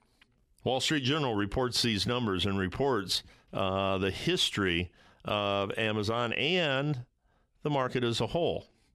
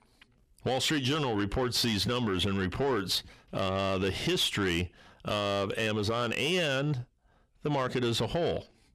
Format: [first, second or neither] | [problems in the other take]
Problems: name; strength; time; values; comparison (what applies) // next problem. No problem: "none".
first | distortion; slight; 10 dB below the speech